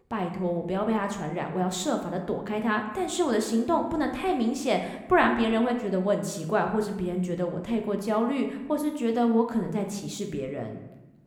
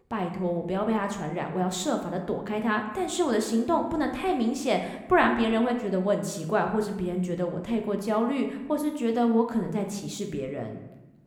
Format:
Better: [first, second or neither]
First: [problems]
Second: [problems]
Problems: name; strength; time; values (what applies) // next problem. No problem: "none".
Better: neither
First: room echo; slight; dies away in 0.8 s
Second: room echo; slight; dies away in 0.8 s